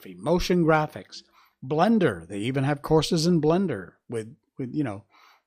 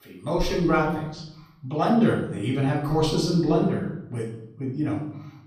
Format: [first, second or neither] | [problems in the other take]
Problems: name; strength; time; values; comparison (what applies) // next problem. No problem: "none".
first | room echo; noticeable; dies away in 0.8 s // off-mic speech; far